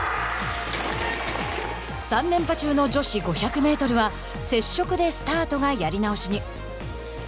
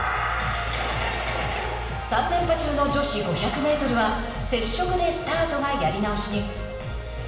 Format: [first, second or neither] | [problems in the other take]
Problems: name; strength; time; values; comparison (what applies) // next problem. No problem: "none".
first | room echo; dies away in 1.2 s